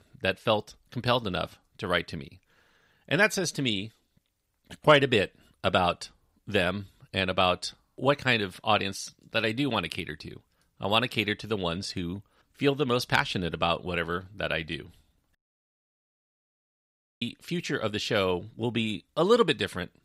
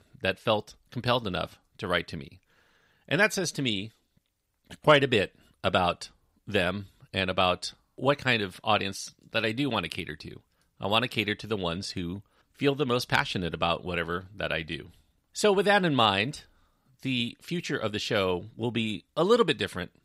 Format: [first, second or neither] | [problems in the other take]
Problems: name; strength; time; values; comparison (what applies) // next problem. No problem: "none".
second | audio cutting out; at 15 s for 2 s